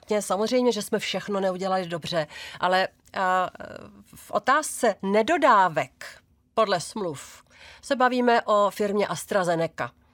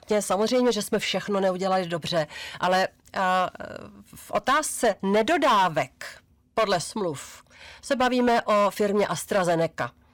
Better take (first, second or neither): first